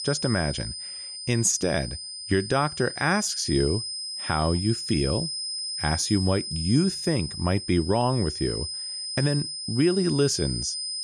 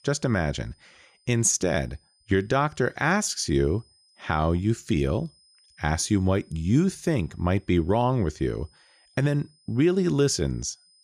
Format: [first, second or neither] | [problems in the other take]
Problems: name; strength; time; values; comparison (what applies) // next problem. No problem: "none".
second | high-pitched whine; loud; throughout; 5 kHz, 5 dB below the speech; faint in the second